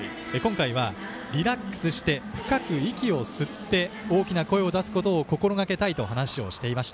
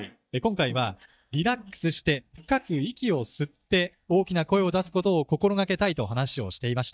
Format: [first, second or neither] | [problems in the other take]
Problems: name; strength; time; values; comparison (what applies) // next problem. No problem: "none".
first | noise reduction (neural mask model DeepFilterNet 3)